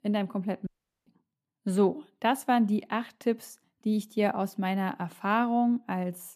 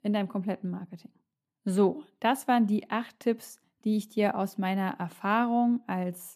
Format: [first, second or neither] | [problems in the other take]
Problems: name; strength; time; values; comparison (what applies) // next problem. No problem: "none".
second | audio cutting out; at 0.5 s